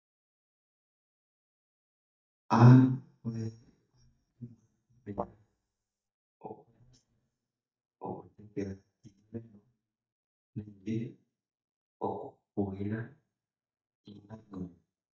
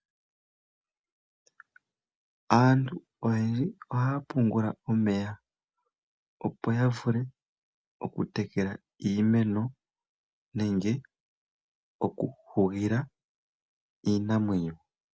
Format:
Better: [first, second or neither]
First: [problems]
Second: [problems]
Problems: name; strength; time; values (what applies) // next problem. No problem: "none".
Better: second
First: noise reduction (neural mask model DeepFilterNet 3)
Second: none